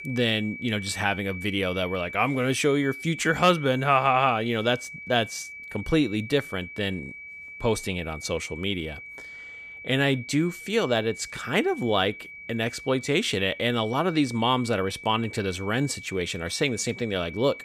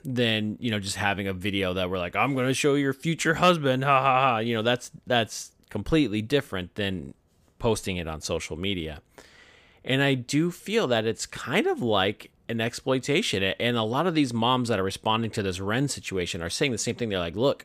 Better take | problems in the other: second | high-pitched whine; noticeable; throughout; 2.5 kHz, 15 dB below the speech

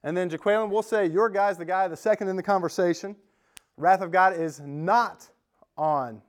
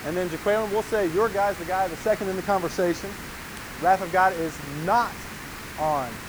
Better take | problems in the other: first | hiss; noticeable; throughout; 10 dB below the speech

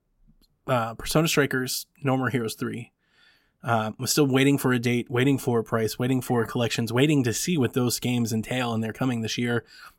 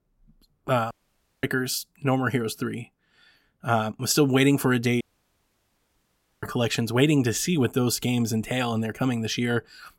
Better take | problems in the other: first | audio cutting out; at 1 s for 0.5 s and at 5 s for 1.5 s

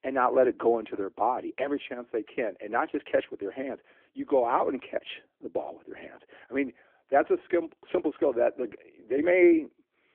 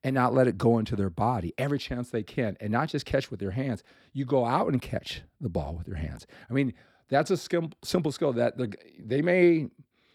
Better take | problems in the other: second | phone-call audio; nothing above 3.5 kHz

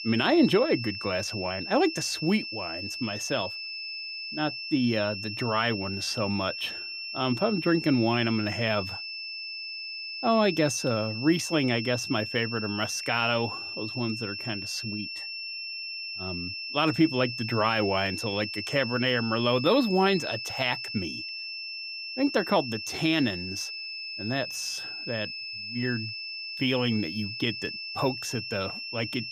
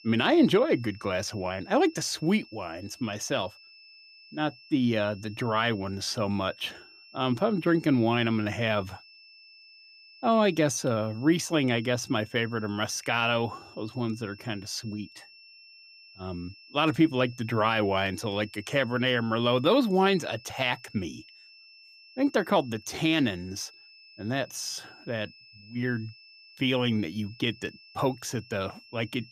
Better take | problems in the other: second | high-pitched whine; loud; throughout; 5.5 kHz, 6 dB below the speech; faint in the second

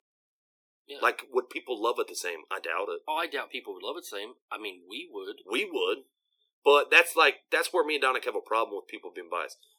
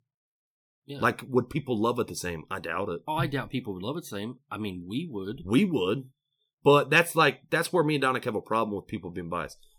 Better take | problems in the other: second | thin; very; fading below 350 Hz

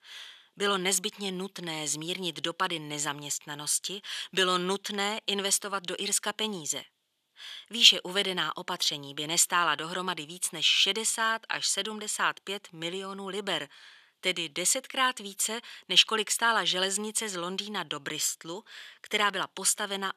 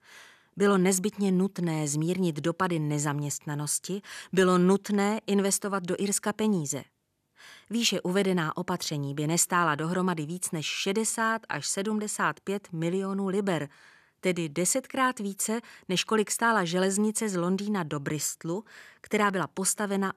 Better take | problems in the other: second | thin; somewhat; fading below 800 Hz

